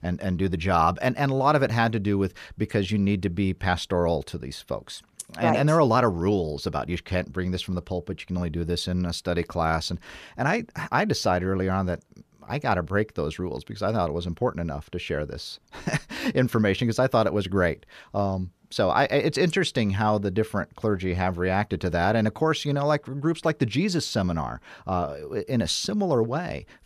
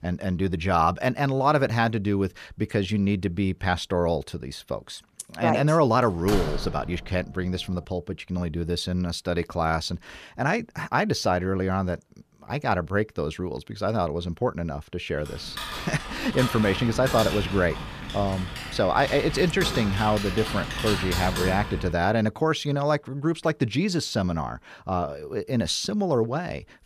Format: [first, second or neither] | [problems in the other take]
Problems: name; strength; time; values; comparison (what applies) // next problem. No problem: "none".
first | door banging; noticeable; at 6.5 s; peak 5 dB below the speech // keyboard typing; noticeable; from 15 to 22 s; peak 2 dB below the speech